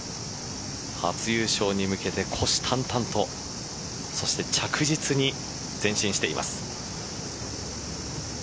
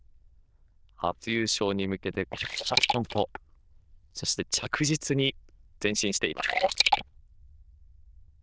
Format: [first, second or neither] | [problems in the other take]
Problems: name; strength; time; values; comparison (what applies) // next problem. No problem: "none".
first | noise reduction (neural diffusion model UNIVERSE++)